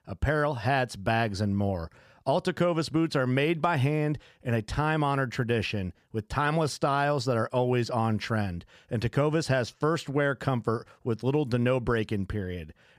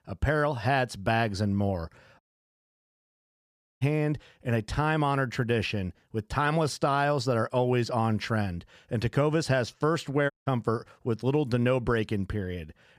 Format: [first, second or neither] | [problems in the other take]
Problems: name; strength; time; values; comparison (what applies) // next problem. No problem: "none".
first | audio cutting out; at 2 s for 1.5 s and at 10 s